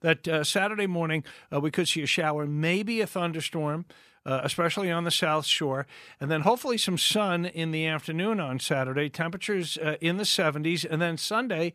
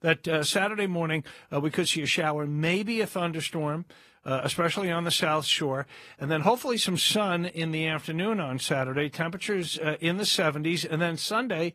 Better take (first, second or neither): first